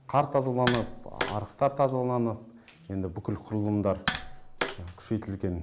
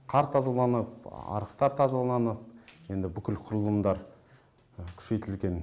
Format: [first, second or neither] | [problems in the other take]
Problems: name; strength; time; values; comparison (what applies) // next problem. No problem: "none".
second | background sound (Tap); 8 dB below the speech